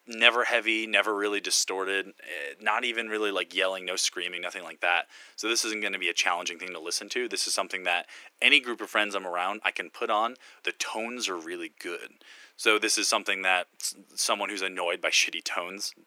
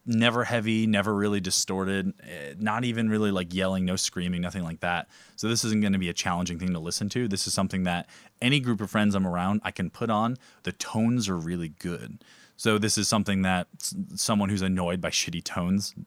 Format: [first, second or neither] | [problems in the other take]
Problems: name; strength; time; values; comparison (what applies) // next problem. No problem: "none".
second | thin; very; fading below 300 Hz